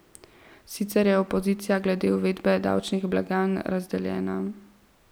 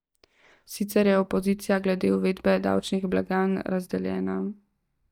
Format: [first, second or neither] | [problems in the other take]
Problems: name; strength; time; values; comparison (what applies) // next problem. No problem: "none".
first | noise reduction (neural mask model DeepFilterNet 3)